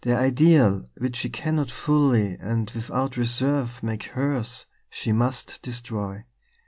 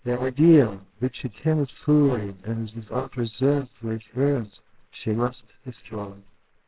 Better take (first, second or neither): first